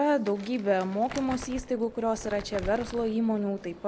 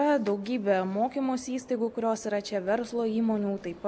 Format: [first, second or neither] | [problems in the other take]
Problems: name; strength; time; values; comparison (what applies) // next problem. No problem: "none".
second | background sound (Crumpling, crinkling); 14 dB below the speech